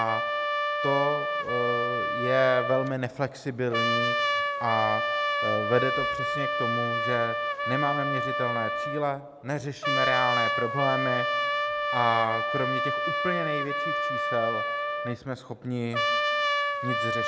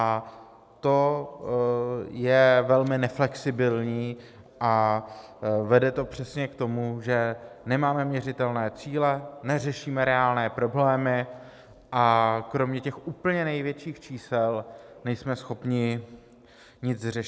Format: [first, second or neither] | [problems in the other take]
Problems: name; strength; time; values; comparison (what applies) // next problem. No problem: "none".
second | background sound (Trumpet); 2 dB above the speech